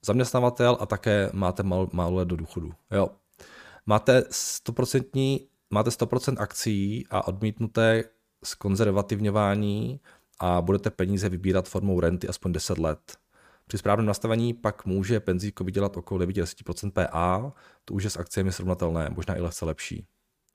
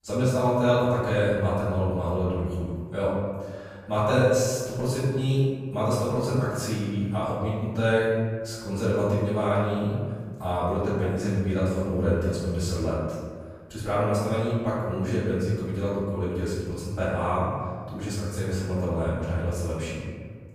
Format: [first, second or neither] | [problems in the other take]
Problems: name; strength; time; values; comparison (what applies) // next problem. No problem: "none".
first | off-mic speech; far // room echo; strong; dies away in 1.5 s